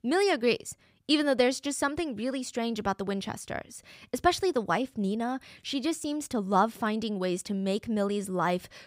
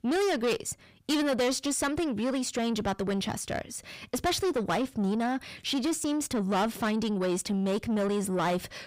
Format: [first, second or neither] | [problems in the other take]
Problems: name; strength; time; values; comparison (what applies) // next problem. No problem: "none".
first | distortion; heavy; 7 dB below the speech